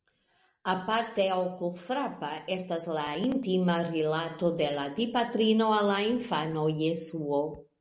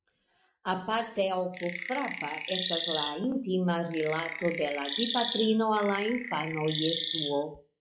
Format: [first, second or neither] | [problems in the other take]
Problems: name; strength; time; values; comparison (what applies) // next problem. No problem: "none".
first | noise reduction (classical method log-MMSE)